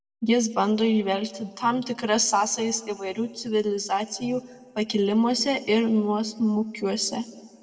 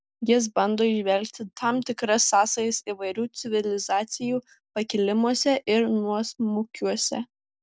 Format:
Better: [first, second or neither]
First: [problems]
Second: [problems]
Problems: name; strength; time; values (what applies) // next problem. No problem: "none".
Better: second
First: room echo; dies away in 1.2 s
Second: none